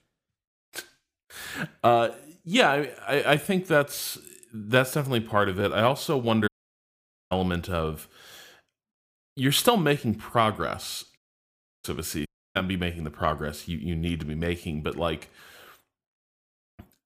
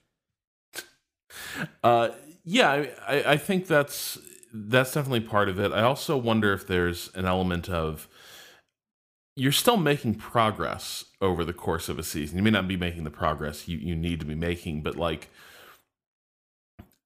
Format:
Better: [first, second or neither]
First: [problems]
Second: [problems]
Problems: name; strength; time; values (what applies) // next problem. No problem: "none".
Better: second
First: audio cutting out; at 6.5 s for 1 s, at 11 s for 0.5 s and at 12 s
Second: none